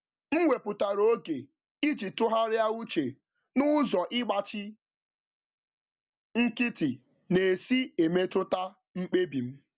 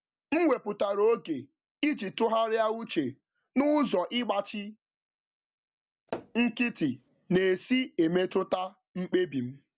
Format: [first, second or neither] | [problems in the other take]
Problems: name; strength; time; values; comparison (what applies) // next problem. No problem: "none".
first | background sound (Tap / Hammer); 14 dB below the speech